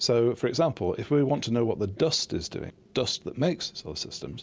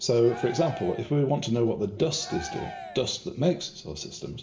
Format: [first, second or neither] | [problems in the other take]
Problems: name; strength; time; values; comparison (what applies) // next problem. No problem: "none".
first | background sound (Cheering); 14 dB below the speech // room echo; dies away in 0.6 s